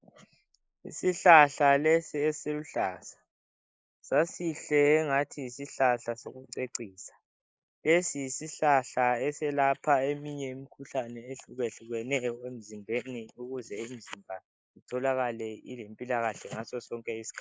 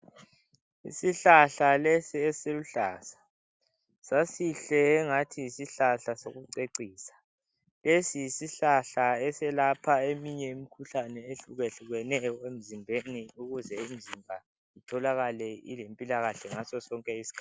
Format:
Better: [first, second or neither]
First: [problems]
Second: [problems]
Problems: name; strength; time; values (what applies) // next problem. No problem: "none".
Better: second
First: noise reduction (neural mask model Resemble Enhance denoiser)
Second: none